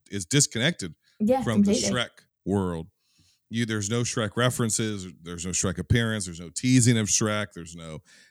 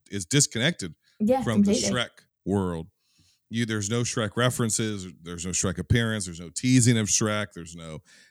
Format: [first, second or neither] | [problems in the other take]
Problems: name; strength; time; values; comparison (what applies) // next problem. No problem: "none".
neither | none